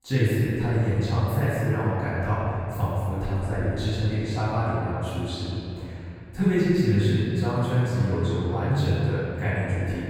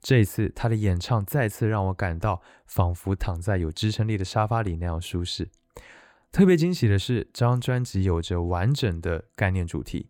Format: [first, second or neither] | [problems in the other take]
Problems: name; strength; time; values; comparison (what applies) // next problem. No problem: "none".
second | room echo; strong; dies away in 2.9 s // off-mic speech; far